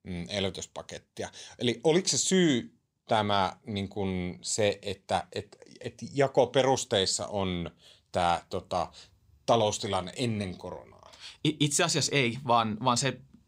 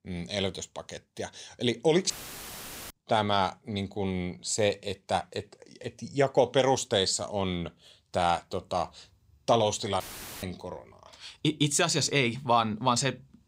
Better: first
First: none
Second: audio cutting out; filled with static; at 2 s for 1 s and at 10 s

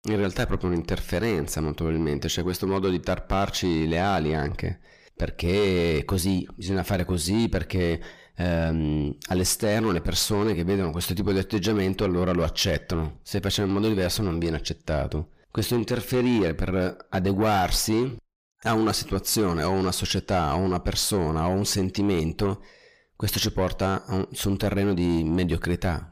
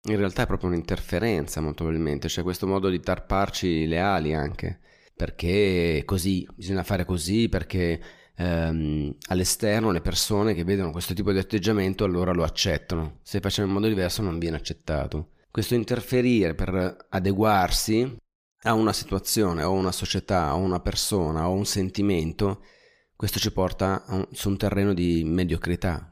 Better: second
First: distortion; slight; 10 dB below the speech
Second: none

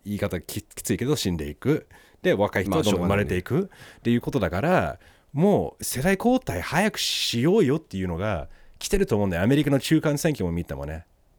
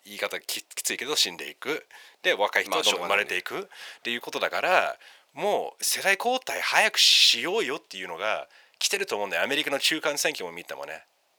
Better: first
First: none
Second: thin; very; fading below 750 Hz

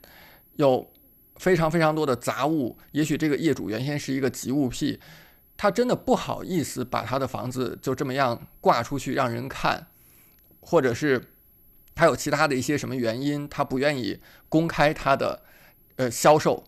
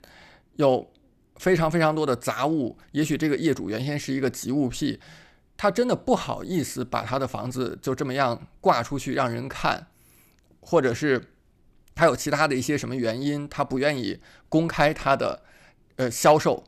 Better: second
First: high-pitched whine; faint; throughout; 11.5 kHz, 30 dB below the speech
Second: none

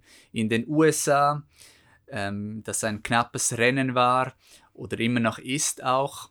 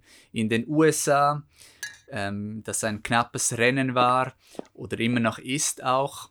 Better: first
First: none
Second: clattering dishes; faint; at 2 s; peak 15 dB below the speech // footsteps; faint; from 4 to 5 s; peak 15 dB below the speech

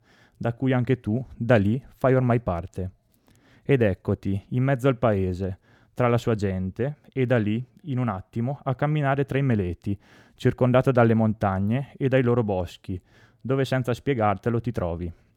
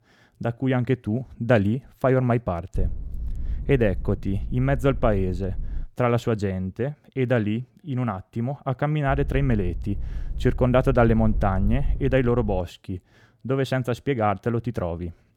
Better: first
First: none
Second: low rumble; faint; from 3 to 6 s and from 9 to 13 s; 25 dB below the speech

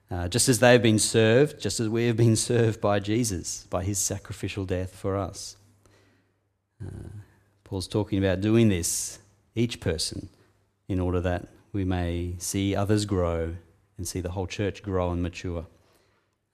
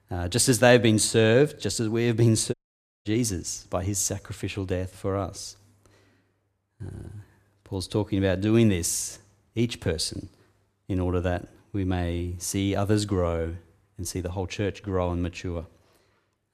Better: first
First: none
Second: audio cutting out; at 2.5 s for 0.5 s

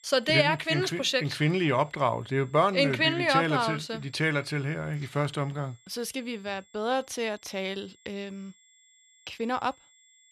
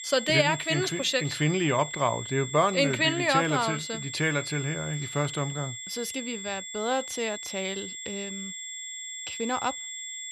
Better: first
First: high-pitched whine; faint; throughout; 7.5 kHz, 30 dB below the speech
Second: high-pitched whine; loud; throughout; 7.5 kHz, 8 dB below the speech

